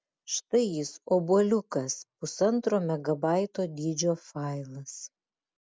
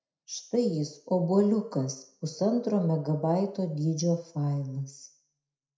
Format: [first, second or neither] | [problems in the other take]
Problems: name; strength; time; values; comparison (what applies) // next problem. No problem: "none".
first | room echo; dies away in 0.4 s